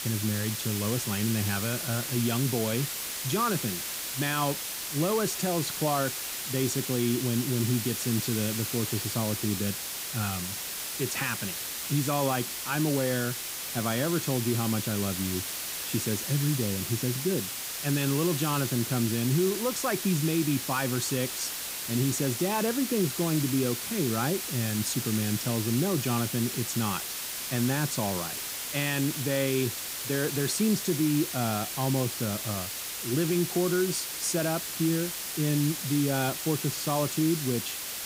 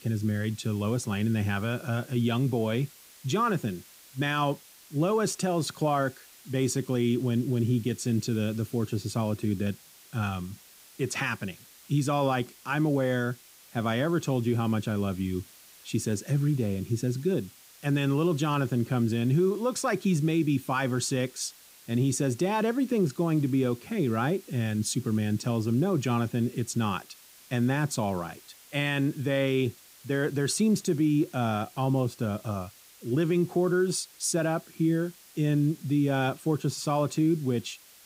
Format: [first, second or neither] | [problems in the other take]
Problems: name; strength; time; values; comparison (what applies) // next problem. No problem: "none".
second | hiss; loud; throughout; 3 dB below the speech; faint in the second